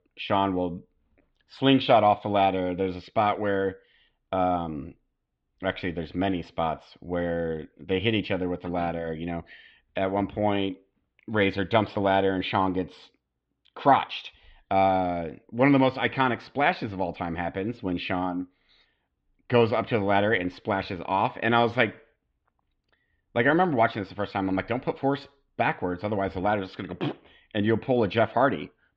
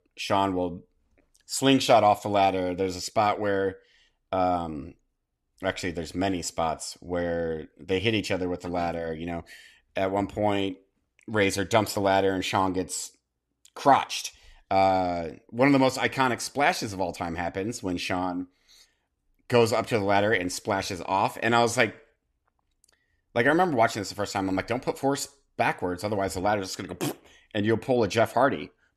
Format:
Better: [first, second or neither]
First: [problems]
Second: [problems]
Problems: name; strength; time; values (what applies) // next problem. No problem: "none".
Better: second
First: muffled; very; fading above 3.5 kHz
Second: none